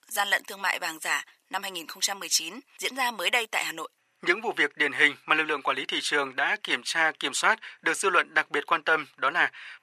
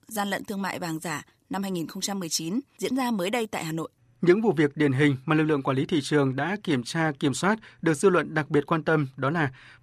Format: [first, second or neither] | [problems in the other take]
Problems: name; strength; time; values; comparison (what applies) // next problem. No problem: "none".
second | thin; very; fading below 800 Hz